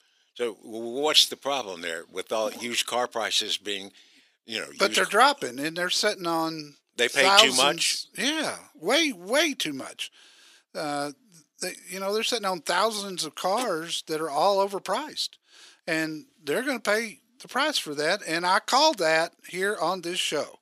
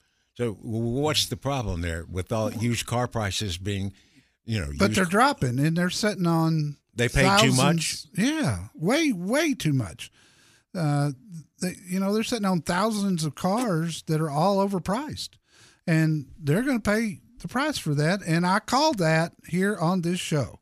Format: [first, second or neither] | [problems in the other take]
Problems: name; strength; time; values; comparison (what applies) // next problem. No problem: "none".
second | thin; somewhat; fading below 350 Hz